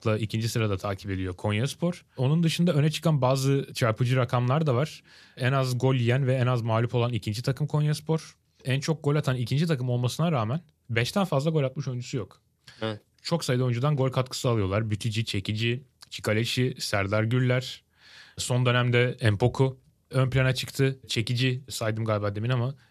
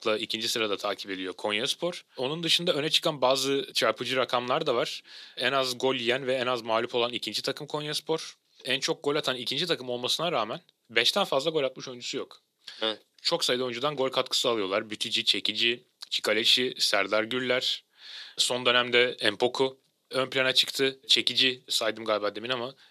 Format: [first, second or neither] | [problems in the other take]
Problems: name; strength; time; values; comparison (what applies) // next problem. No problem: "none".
first | thin; very; fading below 300 Hz